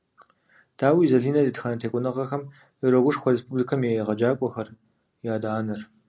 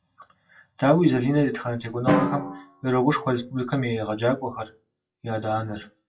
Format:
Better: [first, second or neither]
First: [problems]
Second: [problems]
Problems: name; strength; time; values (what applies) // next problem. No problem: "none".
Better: first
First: none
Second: noise reduction (classical method WPE with log-MMSE)